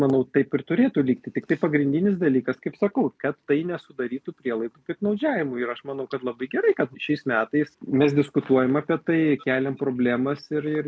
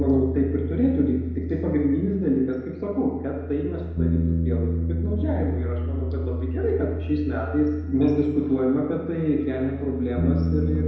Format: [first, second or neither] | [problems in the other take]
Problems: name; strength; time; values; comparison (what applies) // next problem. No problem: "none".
first | background sound (Bass guitar); 3 dB below the speech // room echo; dies away in 1 s